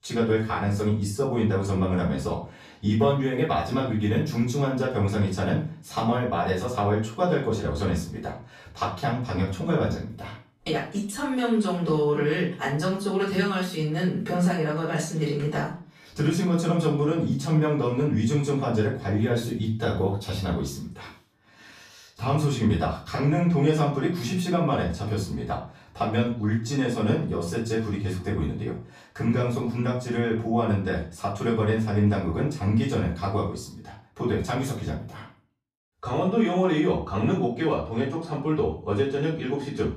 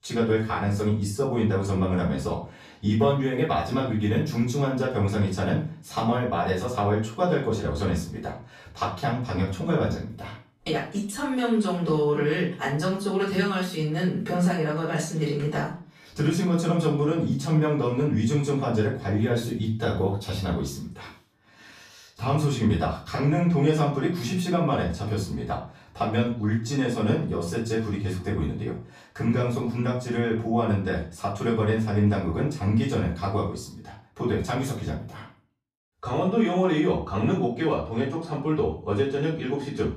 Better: neither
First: room echo; slight; dies away in 0.4 s // off-mic speech; far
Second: room echo; slight; dies away in 0.4 s // off-mic speech; far

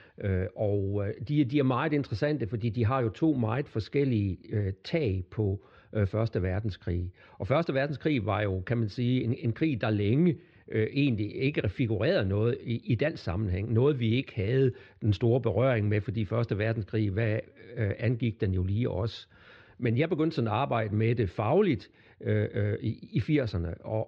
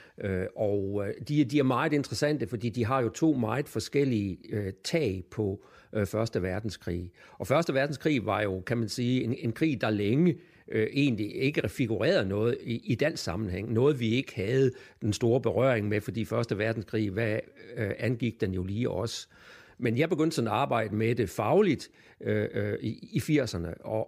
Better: second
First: muffled; very slightly; fading above 4 kHz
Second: none

